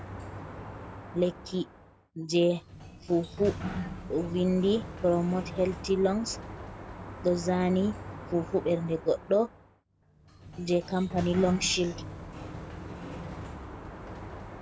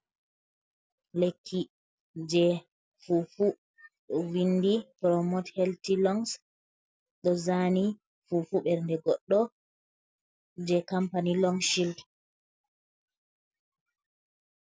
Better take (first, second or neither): second